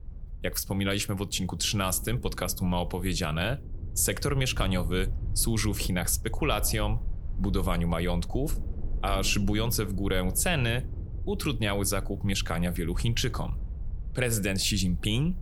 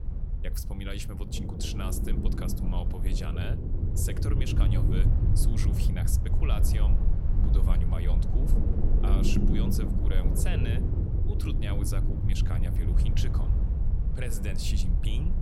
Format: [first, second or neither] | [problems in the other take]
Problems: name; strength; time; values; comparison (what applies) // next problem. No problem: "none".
first | low rumble; loud; throughout; 1 dB below the speech; faint in the first